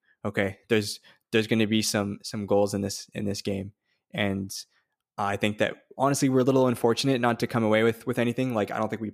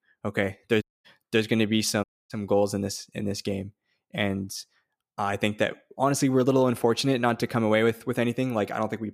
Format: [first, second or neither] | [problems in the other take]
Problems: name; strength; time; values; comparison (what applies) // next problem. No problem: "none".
first | audio cutting out; at 1 s and at 2 s